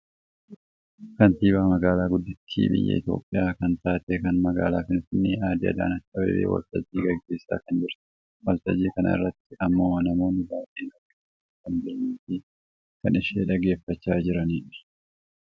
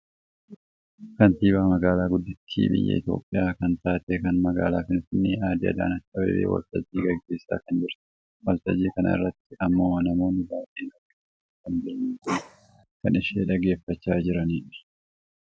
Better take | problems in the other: first | background sound (Bark); 10 dB below the speech

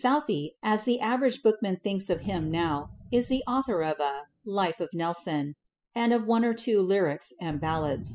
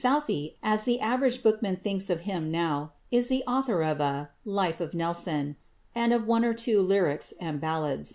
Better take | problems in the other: second | noise reduction (classical method spectral subtraction)

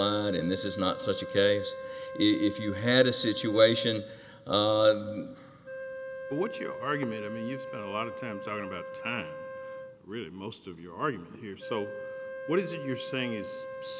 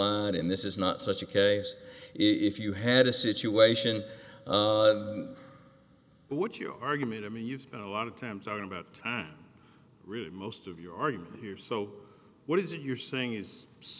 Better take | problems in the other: second | background sound (Wind instrument, woodwind instrument); 10 dB below the speech

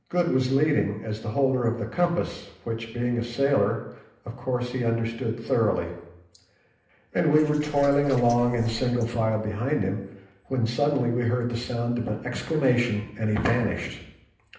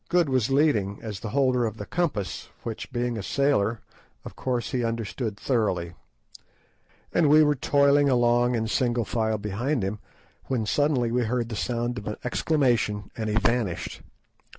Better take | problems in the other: second | background sound (Liquid); 17 dB below the speech // room echo; dies away in 0.8 s

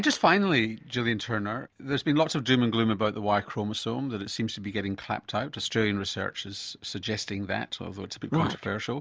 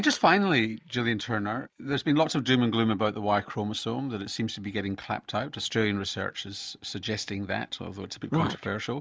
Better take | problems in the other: first | noise reduction (neural mask model Resemble Enhance denoiser)

